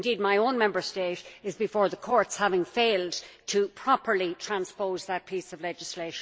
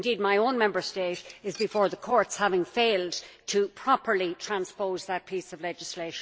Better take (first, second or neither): first